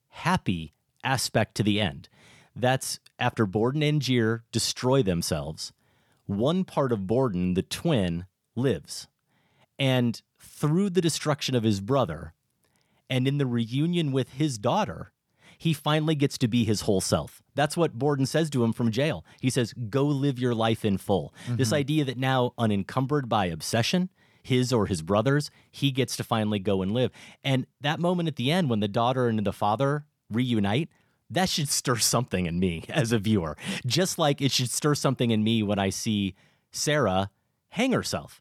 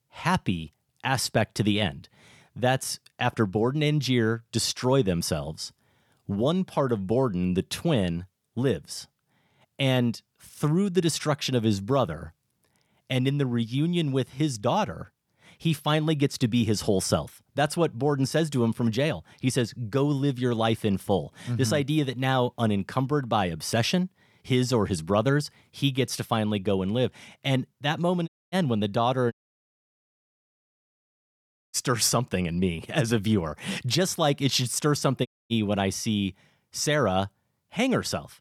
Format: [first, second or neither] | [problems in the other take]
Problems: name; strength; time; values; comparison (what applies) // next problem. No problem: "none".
first | audio cutting out; at 28 s, at 29 s for 2.5 s and at 35 s